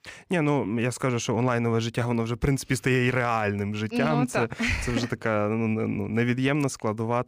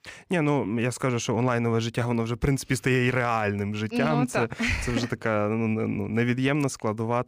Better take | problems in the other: neither | none

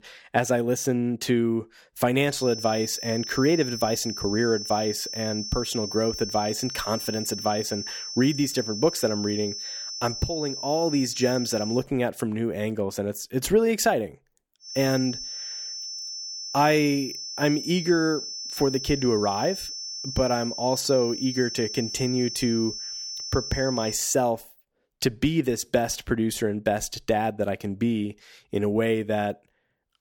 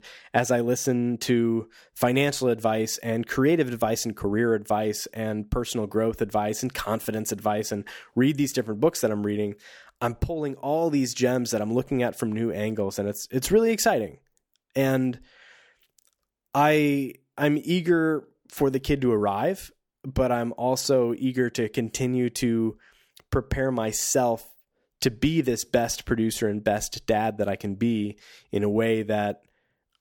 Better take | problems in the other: second | high-pitched whine; loud; from 2.5 to 12 s and from 15 to 24 s; 5.5 kHz, 7 dB below the speech

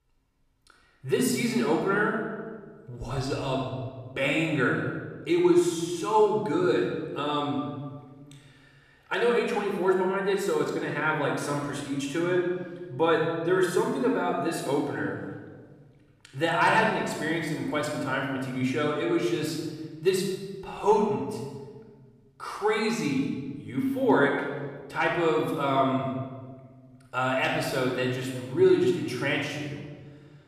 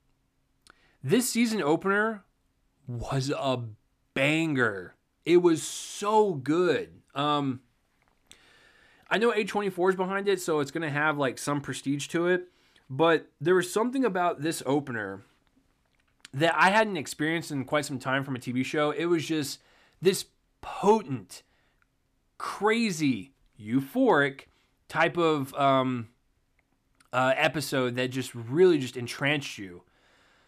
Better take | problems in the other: second | off-mic speech; somewhat distant // room echo; noticeable; dies away in 1.3 s

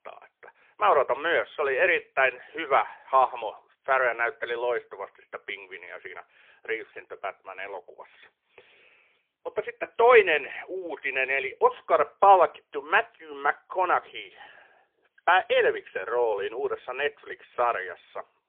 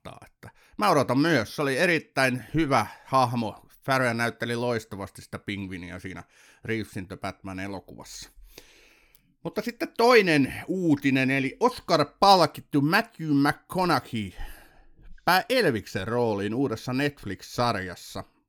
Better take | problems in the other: second | phone-call audio; poor line

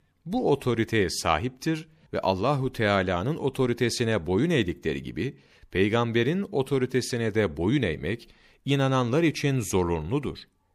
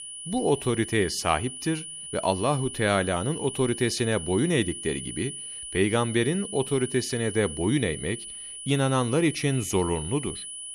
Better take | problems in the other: first | high-pitched whine; loud; throughout; 9.5 kHz, 9 dB below the speech

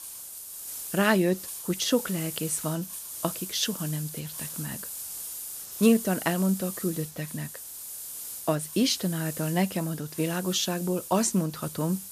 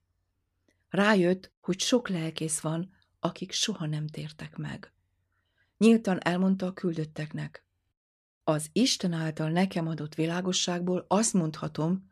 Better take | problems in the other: second | hiss; loud; throughout; 8 dB below the speech

